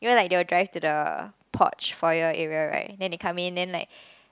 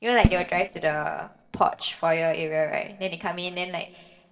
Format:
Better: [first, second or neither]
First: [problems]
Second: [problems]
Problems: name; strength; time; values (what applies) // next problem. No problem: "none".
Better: first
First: none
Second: noise reduction (neural separator model SepFormer DNS4)